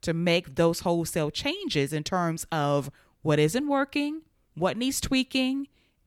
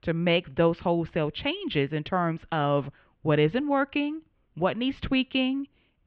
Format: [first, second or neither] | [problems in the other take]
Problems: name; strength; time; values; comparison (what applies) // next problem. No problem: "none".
first | muffled; very; fading above 3 kHz